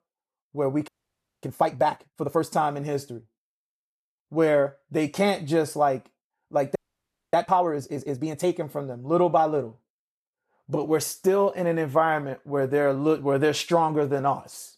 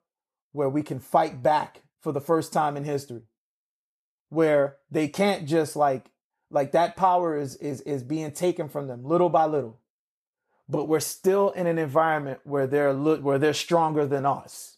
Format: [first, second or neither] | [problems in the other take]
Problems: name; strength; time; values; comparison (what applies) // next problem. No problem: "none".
second | audio freezing; at 1 s for 0.5 s and at 7 s for 0.5 s